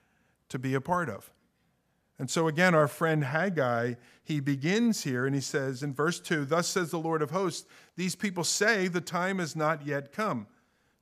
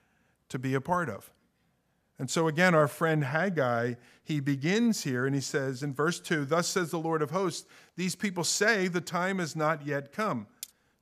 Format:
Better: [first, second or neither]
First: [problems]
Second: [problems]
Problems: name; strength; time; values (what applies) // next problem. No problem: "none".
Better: first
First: none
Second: clattering dishes; very faint; at 10 s; peak 15 dB below the speech